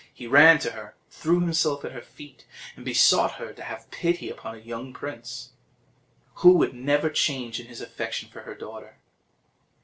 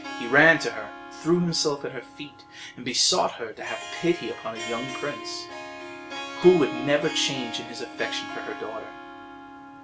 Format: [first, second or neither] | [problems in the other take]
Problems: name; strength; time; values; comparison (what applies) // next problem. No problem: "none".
first | background sound (Harp); 10 dB below the speech